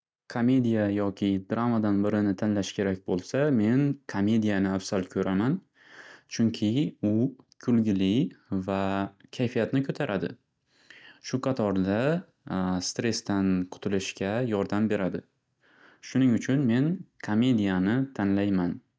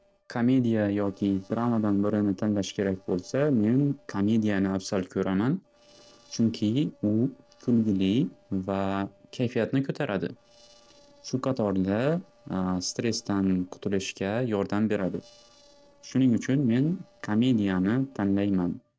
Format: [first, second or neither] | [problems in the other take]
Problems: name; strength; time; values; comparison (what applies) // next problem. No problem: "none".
first | noise reduction (neural separator model SepFormer DNS4)